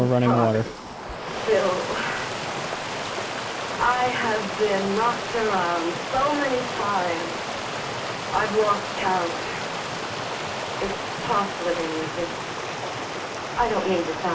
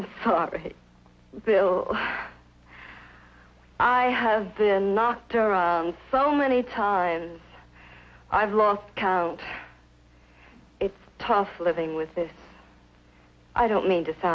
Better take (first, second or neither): second